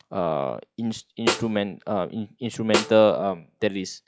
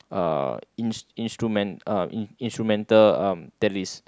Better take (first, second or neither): second